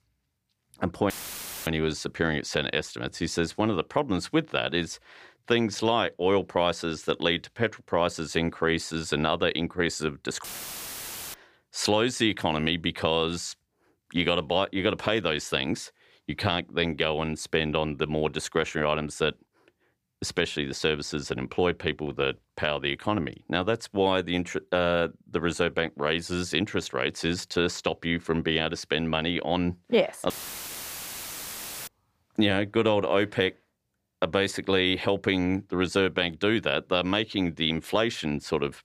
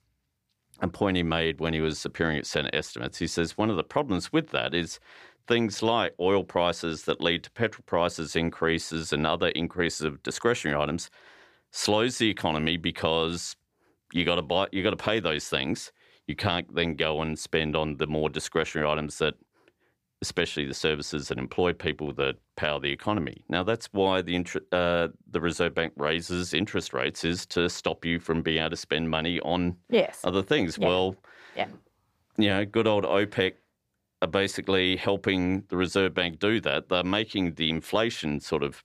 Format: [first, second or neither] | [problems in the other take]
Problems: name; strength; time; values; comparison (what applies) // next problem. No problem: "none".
second | audio cutting out; filled with static; at 1 s for 0.5 s, at 10 s for 1 s and at 30 s for 1.5 s